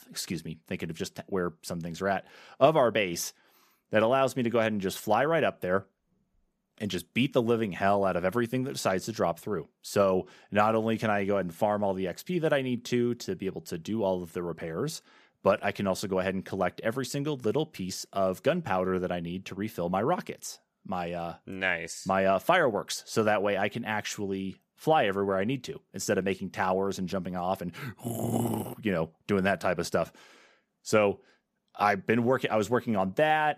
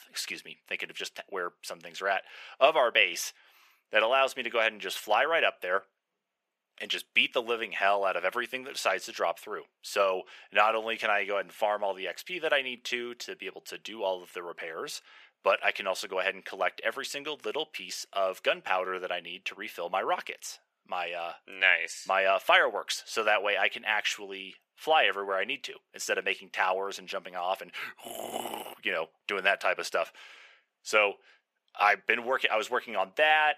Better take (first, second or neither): first